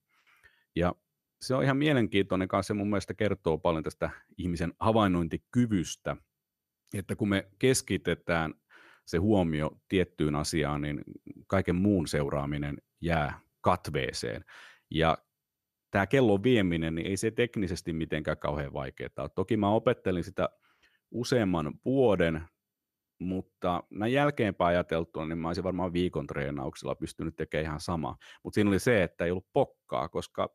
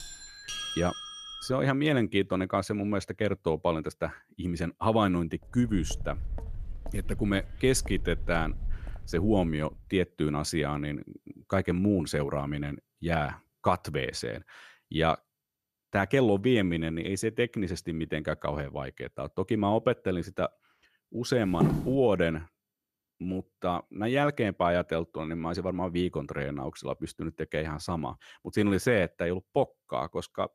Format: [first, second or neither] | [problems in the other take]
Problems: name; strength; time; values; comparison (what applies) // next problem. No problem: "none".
first | doorbell; noticeable; until 1.5 s; peak 5 dB below the speech // footsteps; noticeable; from 5.5 to 10 s; peak 9 dB below the speech // footsteps; loud; at 22 s; peak 2 dB above the speech